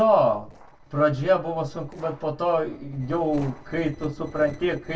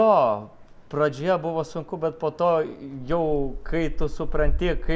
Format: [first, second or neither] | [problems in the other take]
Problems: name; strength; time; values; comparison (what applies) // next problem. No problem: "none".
second | noise reduction (neural separator model SepFormer DNS4)